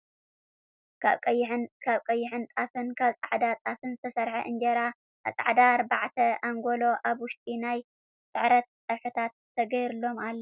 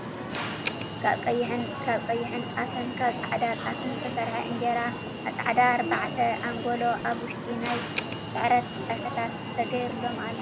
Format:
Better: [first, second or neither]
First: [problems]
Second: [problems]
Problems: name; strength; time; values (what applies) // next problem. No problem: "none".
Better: first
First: none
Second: background sound (Alarm); 5 dB below the speech